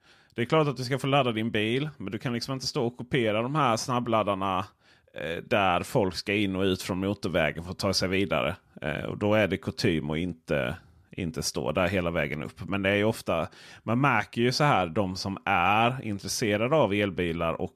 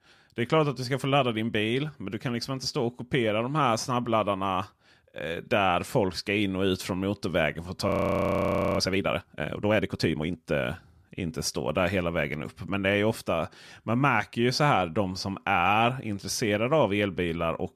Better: first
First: none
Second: audio freezing; at 8 s for 1 s

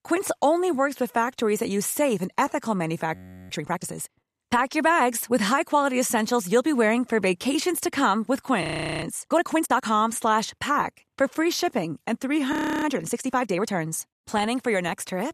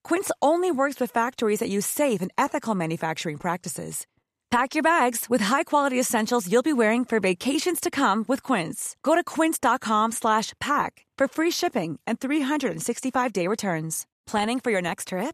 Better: second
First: audio freezing; at 3 s, at 8.5 s and at 13 s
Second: none

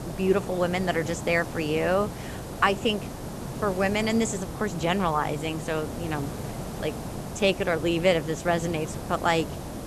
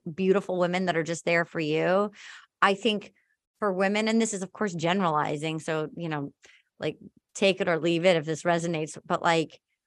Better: second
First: hiss; loud; throughout; 9 dB below the speech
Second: none

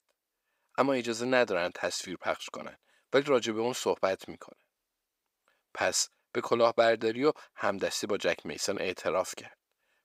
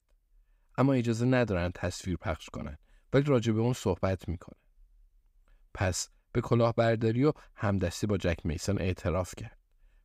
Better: second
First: thin; somewhat; fading below 450 Hz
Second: none

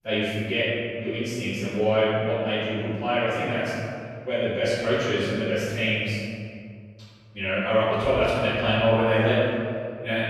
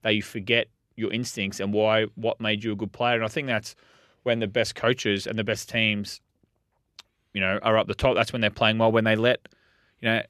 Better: second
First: off-mic speech; far // room echo; strong; dies away in 2.2 s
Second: none

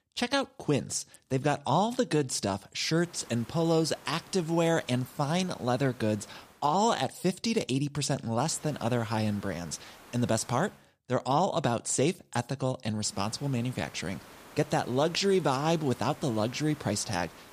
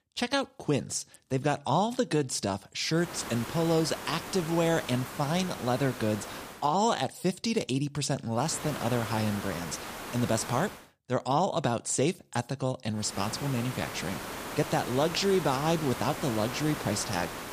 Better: first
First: hiss; faint; from 3 to 6.5 s, from 8.5 to 11 s and from 13 s on; 20 dB below the speech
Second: hiss; loud; from 3 to 6.5 s, from 8.5 to 11 s and from 13 s on; 9 dB below the speech

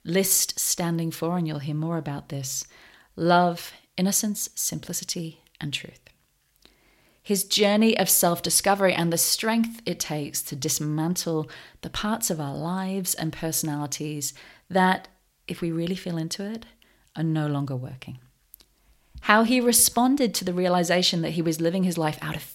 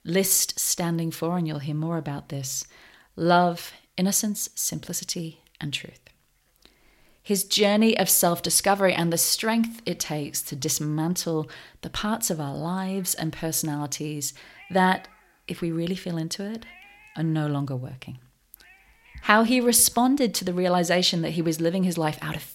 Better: first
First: none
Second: animal sounds; faint; throughout; 30 dB below the speech

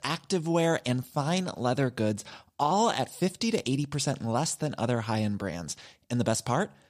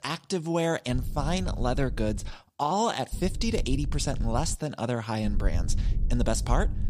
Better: first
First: none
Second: low rumble; noticeable; from 1 to 2.5 s, from 3 to 4.5 s and from 5 s on; 20 dB below the speech

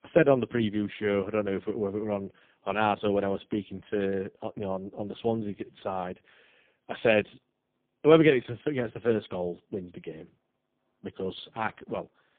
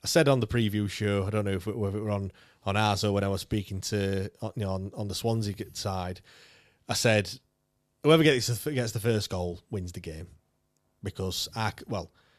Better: second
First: phone-call audio; poor line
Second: none

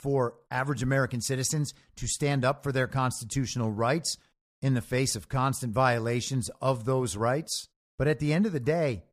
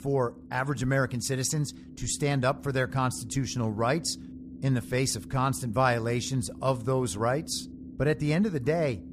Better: first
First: none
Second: low rumble; faint; throughout; 20 dB below the speech

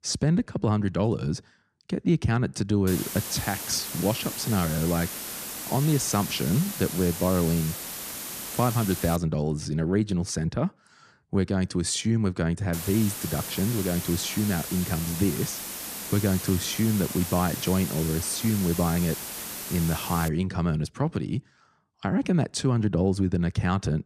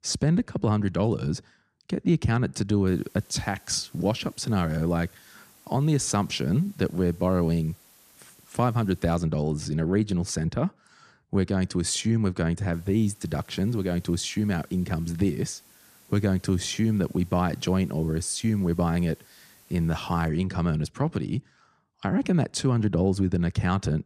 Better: second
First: hiss; loud; from 3 to 9 s and from 13 to 20 s; 7 dB below the speech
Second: hiss; faint; from 3 to 9 s and from 13 to 20 s; 25 dB below the speech

